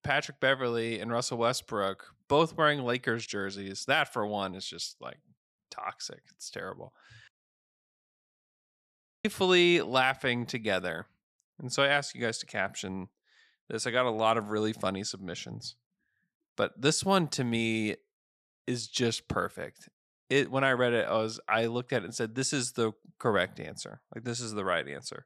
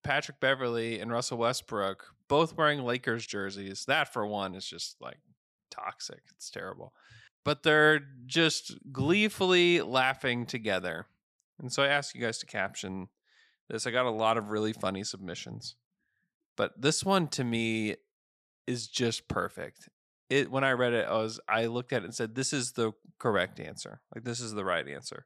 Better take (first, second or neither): second